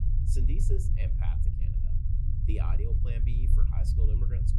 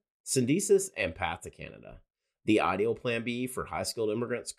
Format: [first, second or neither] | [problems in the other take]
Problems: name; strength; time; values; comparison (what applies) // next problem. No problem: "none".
second | low rumble; loud; throughout; as loud as the speech